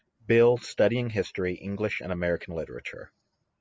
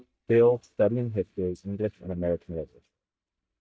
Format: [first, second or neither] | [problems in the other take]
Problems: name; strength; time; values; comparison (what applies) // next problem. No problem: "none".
first | noise reduction (neural mask model DeepFilterNet 3)